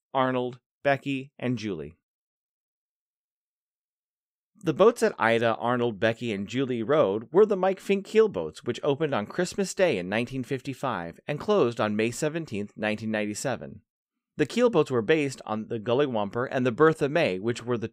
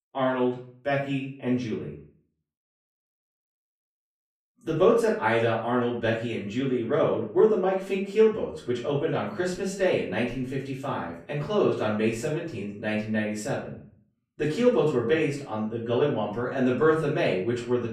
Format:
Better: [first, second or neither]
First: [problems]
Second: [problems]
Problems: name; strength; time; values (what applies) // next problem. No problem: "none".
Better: first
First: none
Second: off-mic speech; far // room echo; noticeable; dies away in 0.4 s